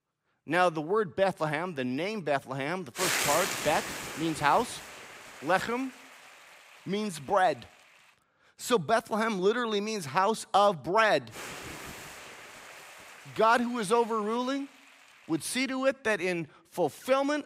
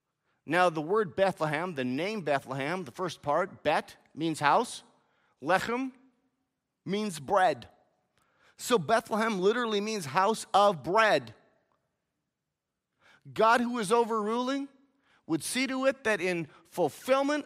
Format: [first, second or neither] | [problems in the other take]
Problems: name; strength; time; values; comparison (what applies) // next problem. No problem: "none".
second | hiss; loud; from 3 to 8 s and from 11 to 16 s; 7 dB below the speech